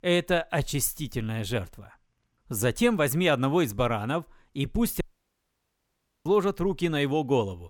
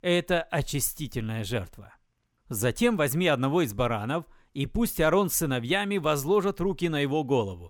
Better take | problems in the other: second | audio cutting out; at 5 s for 1 s

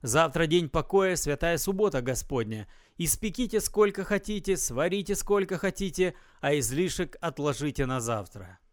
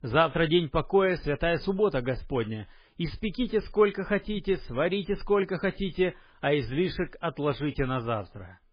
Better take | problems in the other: first | garbled, watery; badly; nothing above 5 kHz

